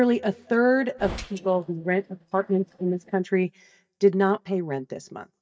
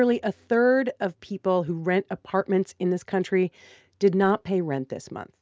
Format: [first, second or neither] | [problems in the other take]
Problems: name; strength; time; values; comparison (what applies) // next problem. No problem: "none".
second | noise reduction (neural mask model DeepFilterNet 3)